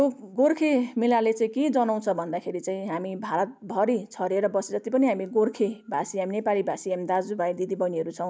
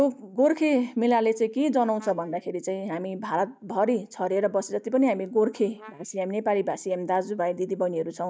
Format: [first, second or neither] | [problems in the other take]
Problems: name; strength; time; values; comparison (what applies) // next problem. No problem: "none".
first | noise reduction (neural mask model DeepFilterNet 3)